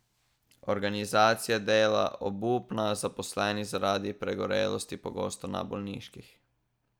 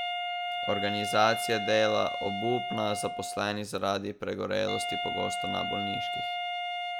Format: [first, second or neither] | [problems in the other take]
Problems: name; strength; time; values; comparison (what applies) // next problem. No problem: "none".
first | background sound (Wind instrument, woodwind instrument); 3 dB below the speech